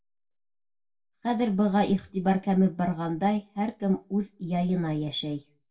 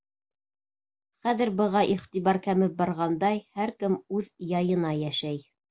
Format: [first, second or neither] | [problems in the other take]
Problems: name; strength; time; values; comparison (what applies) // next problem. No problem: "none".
second | room echo; dies away in 0.1 s